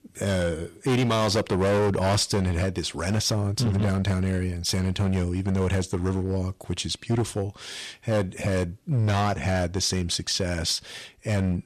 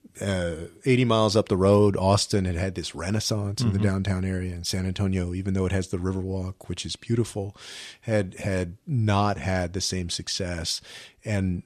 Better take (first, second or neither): second